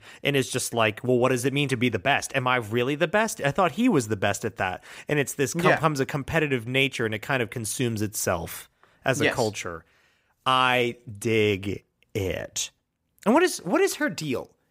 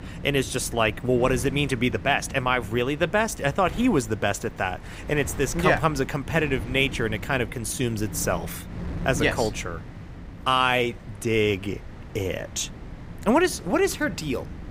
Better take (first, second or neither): first